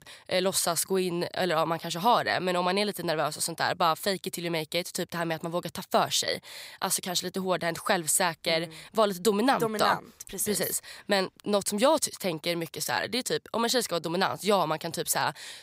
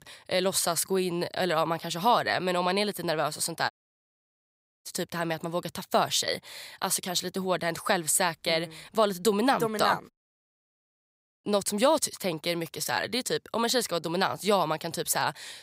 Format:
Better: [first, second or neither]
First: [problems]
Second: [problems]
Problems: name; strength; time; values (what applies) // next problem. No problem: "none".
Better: first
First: none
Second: audio cutting out; at 3.5 s for 1 s and at 10 s for 1.5 s